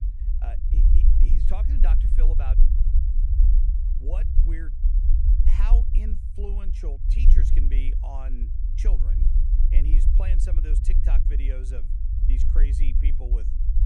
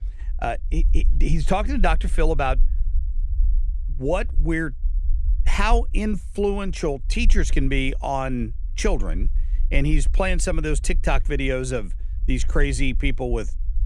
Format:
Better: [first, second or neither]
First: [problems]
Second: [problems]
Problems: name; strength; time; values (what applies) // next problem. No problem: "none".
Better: second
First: low rumble; loud; throughout; 2 dB below the speech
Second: low rumble; faint; throughout; 25 dB below the speech